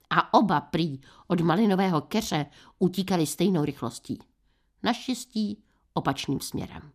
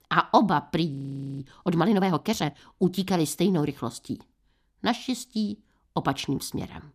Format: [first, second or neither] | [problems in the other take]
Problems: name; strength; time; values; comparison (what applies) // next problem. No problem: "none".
first | audio freezing; at 1 s